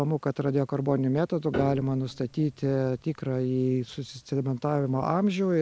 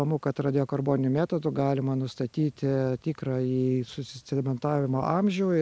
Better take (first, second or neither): second